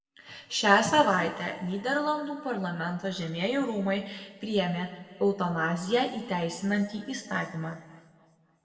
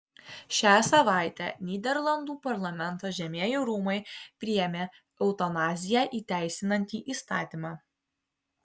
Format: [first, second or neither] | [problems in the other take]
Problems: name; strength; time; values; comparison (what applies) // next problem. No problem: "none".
second | room echo; dies away in 1.8 s